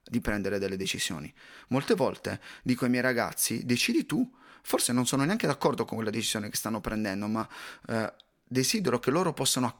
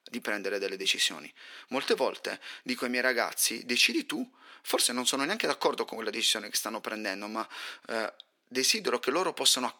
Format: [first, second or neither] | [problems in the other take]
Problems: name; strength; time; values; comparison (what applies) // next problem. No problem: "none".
first | thin; somewhat; fading below 300 Hz